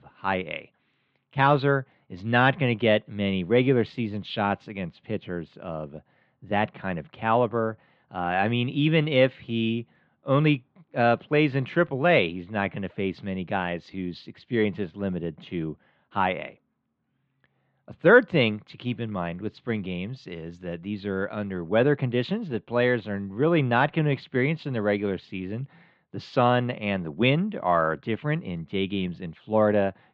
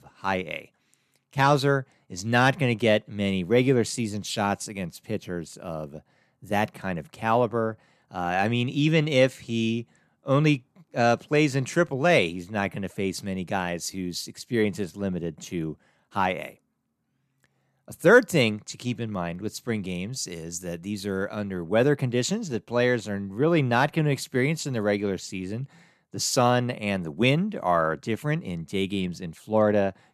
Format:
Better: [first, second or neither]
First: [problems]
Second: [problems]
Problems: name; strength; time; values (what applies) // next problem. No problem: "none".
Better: second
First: muffled; very; fading above 3.5 kHz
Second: none